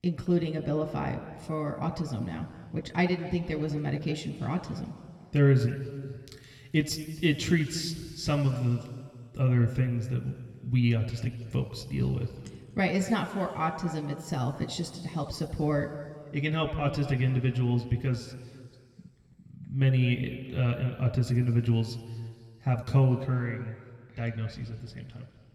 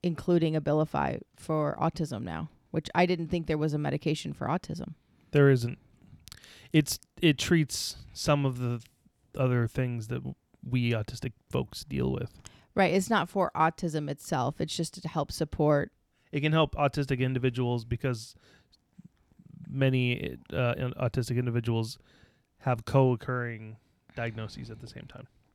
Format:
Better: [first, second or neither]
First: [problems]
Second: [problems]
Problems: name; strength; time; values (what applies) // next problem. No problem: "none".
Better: second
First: room echo; slight; dies away in 2.1 s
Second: none